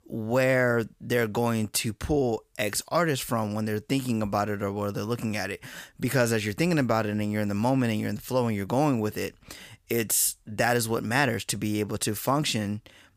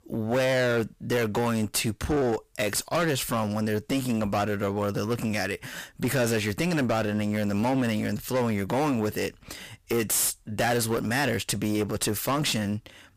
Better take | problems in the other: first | distortion; heavy; 19% of the sound clipped

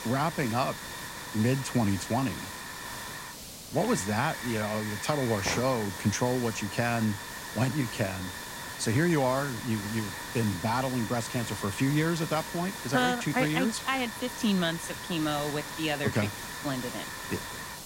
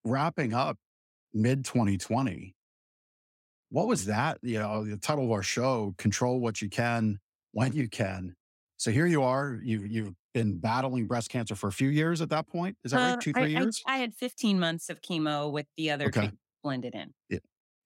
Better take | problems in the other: second | hiss; loud; throughout; 7 dB below the speech

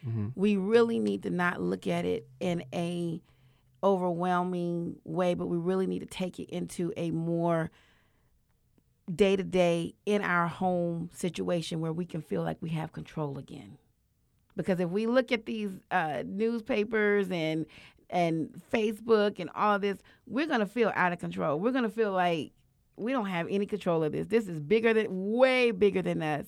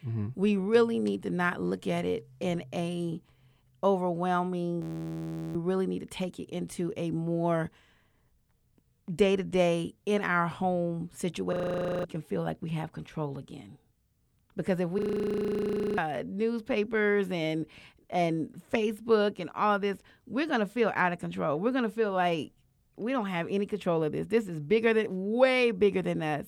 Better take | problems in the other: first | audio freezing; at 5 s for 0.5 s, at 12 s for 0.5 s and at 15 s for 1 s

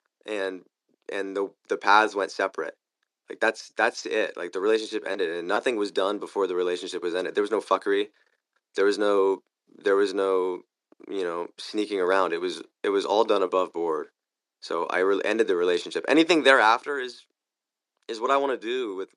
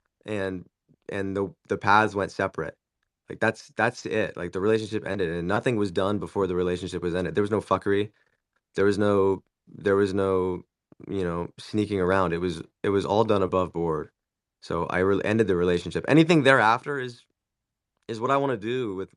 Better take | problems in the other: second | thin; somewhat; fading below 300 Hz

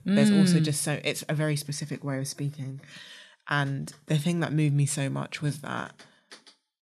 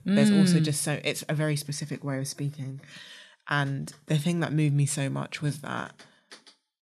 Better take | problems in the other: neither | none

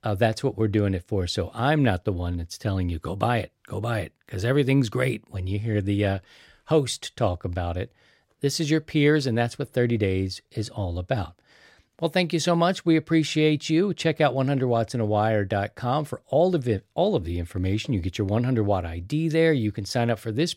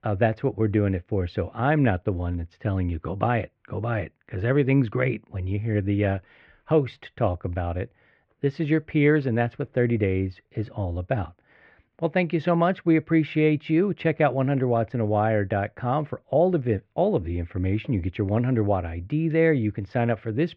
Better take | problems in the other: first | muffled; very; fading above 2.5 kHz

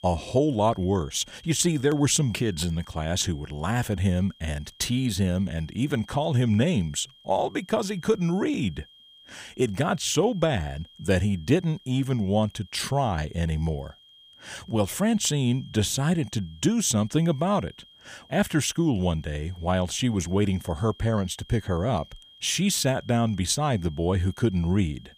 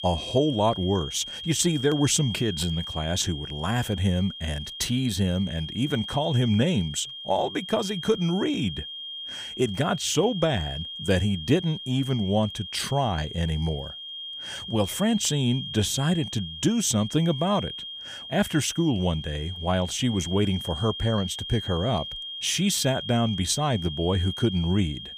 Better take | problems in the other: first | high-pitched whine; loud; throughout; 3 kHz, 9 dB below the speech; faint in the first

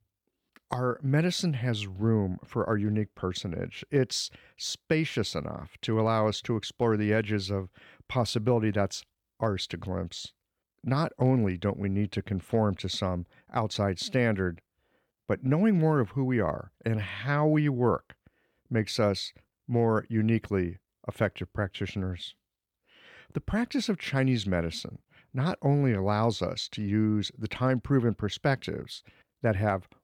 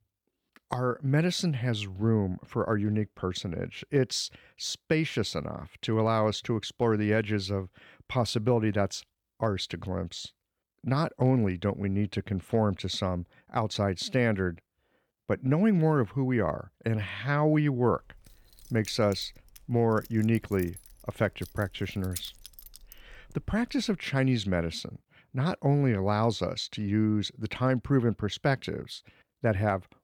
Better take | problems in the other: first | jangling keys; faint; from 18 to 24 s; peak 10 dB below the speech

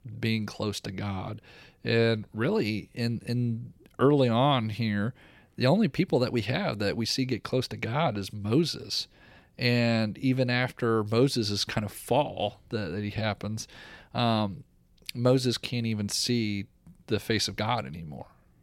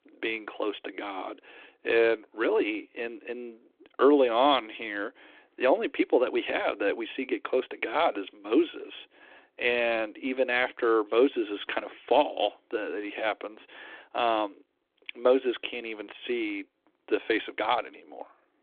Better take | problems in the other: first | phone-call audio; nothing above 3.5 kHz

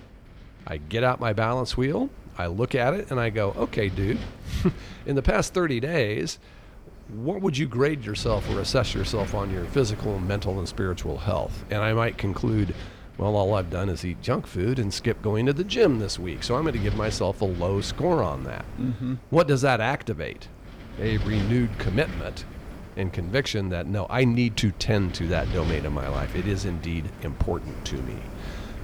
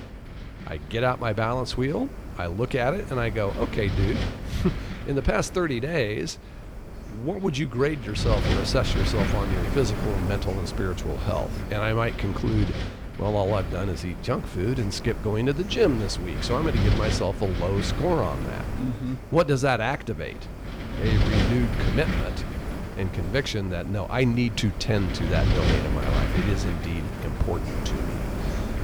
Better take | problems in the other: first | wind noise on the microphone; heavy; 7 dB below the speech; occasional gusts in the first

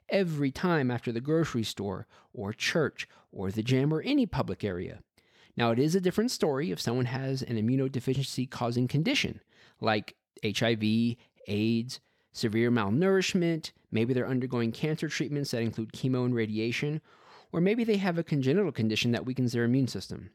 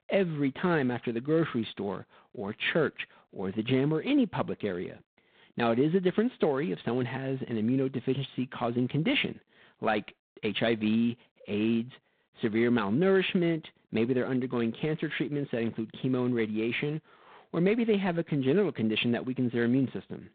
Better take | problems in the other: first | phone-call audio; poor line; nothing above 3.5 kHz

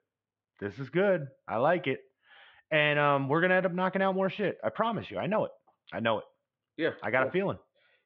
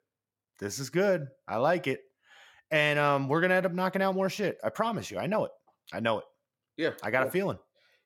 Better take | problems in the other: second | muffled; very; fading above 3.5 kHz

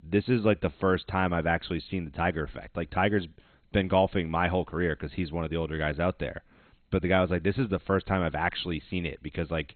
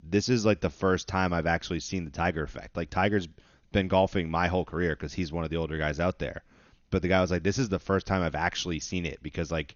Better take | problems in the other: second | garbled, watery; badly; nothing above 4 kHz; slightly in the second

